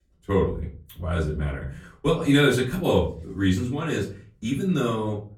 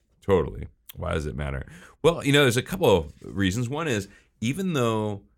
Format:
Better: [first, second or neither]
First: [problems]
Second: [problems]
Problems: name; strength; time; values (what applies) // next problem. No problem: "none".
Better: second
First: off-mic speech; far // room echo; slight; dies away in 0.4 s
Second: none